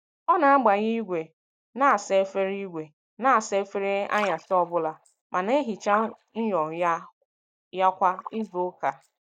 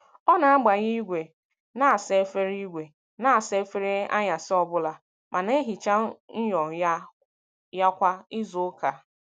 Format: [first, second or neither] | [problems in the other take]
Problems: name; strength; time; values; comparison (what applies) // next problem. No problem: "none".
second | noise reduction (neural mask model DeepFilterNet 3)